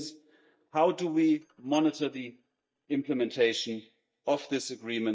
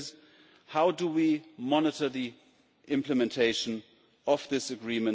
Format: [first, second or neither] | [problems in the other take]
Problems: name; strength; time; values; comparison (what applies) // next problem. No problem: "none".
second | noise reduction (neural mask model DeepFilterNet 3)